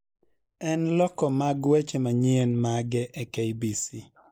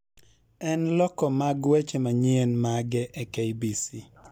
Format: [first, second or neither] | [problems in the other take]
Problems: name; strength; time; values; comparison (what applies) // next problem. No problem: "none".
second | noise reduction (neural mask model Resemble Enhance denoiser)